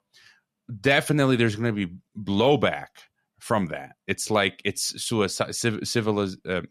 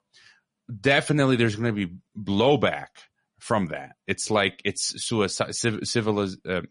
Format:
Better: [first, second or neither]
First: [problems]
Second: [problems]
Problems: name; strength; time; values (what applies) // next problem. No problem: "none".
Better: first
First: none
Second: garbled, watery; slightly; nothing above 10.5 kHz